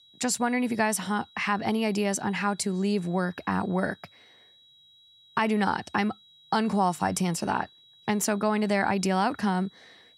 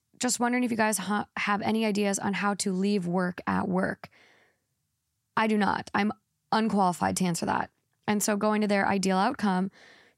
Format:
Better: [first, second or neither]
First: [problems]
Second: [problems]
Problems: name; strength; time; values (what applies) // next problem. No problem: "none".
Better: second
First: high-pitched whine; faint; throughout; 4 kHz, 25 dB below the speech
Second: none